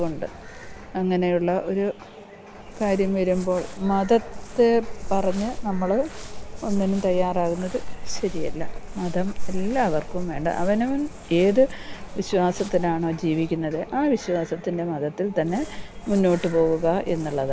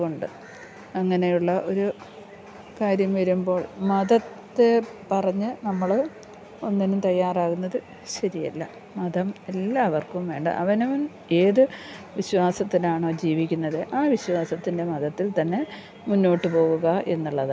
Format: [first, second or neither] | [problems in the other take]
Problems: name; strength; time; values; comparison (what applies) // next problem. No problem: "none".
second | background sound (Crumpling, crinkling); 7 dB below the speech